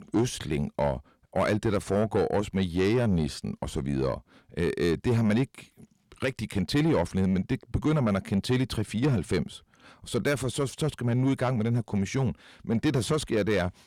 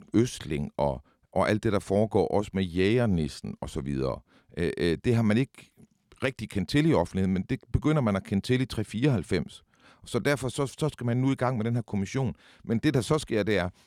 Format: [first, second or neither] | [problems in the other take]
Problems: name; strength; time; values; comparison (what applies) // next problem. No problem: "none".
second | distortion; slight; 10 dB below the speech